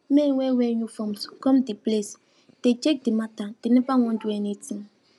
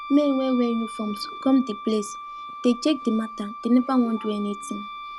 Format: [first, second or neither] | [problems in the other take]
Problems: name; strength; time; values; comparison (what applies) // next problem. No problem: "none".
first | background sound (Wind instrument, woodwind instrument); 12 dB below the speech